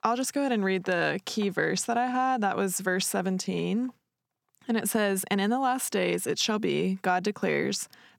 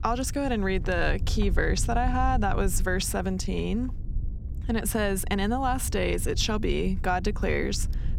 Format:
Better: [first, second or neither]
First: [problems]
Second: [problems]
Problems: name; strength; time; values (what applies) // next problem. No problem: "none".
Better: first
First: none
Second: wind noise on the microphone; occasional gusts; 20 dB below the speech